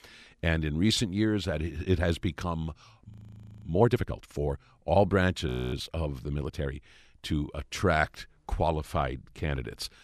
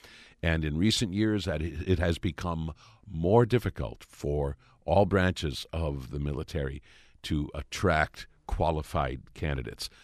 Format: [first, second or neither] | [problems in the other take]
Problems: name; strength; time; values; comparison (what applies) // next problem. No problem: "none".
second | audio freezing; at 3 s for 0.5 s and at 5.5 s